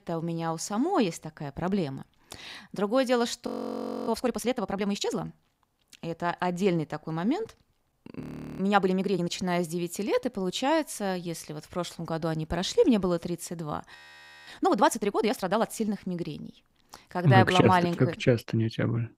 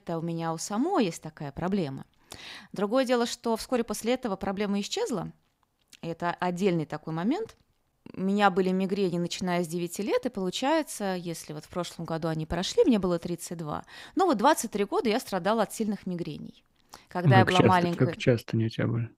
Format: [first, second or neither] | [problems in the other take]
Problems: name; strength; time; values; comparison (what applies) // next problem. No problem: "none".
second | audio freezing; at 3.5 s for 0.5 s, at 8 s and at 14 s for 0.5 s